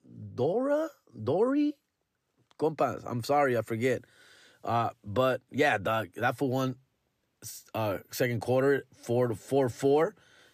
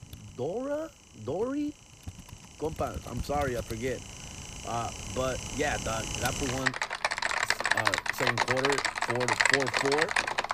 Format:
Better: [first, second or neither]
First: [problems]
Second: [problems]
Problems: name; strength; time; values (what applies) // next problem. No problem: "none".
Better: first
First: none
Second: household noises; very loud; throughout; 5 dB above the speech